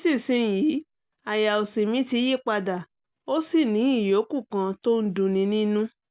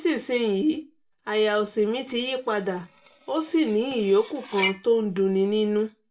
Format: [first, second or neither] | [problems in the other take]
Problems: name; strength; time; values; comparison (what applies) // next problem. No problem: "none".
first | background sound (Cutlery, silverware); 13 dB below the speech // room echo; dies away in 0.2 s